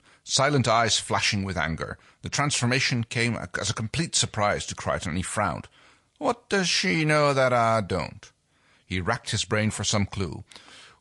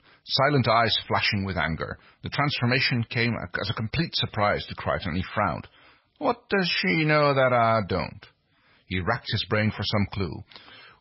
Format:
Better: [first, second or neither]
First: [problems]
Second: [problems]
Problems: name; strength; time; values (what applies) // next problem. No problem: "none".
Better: first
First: garbled, watery; slightly; nothing above 9 kHz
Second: garbled, watery; badly; nothing above 5.5 kHz